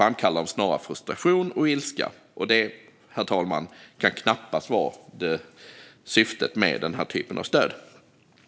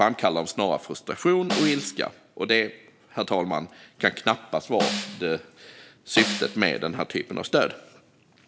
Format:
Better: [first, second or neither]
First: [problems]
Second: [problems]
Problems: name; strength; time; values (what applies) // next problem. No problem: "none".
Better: first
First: none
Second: background sound (Snare drum); 7 dB below the speech